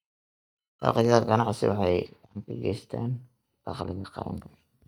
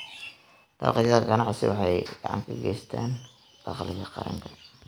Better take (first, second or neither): second